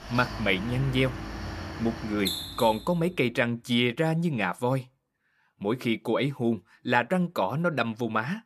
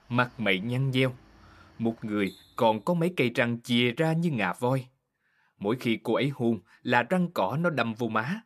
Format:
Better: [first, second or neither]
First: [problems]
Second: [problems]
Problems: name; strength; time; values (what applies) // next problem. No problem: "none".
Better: second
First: machinery noise; loud; until 2.5 s; 8 dB below the speech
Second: machinery noise; faint; until 2.5 s; 30 dB below the speech